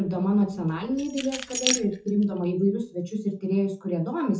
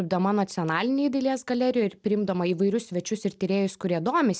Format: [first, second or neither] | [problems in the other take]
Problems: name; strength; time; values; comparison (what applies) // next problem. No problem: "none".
second | noise reduction (classical method WPE with log-MMSE)